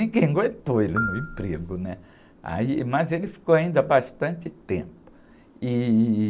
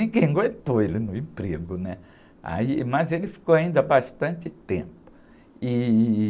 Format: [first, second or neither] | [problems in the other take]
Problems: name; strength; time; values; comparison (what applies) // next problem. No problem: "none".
second | background sound (Marimba, xylophone); 11 dB below the speech